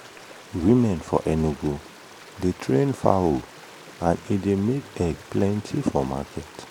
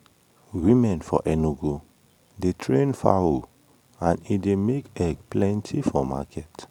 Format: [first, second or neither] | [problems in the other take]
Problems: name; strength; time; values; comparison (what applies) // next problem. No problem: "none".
second | background sound (Stream); 20 dB below the speech